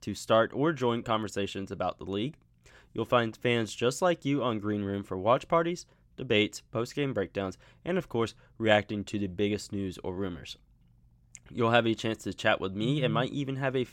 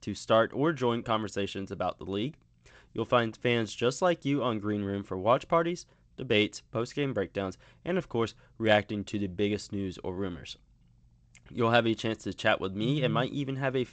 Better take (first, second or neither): first